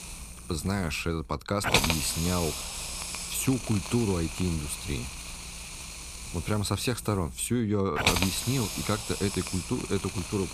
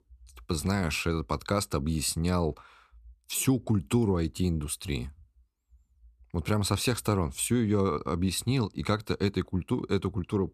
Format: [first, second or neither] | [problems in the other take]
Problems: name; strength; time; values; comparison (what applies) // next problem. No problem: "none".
second | hiss; loud; throughout; 2 dB below the speech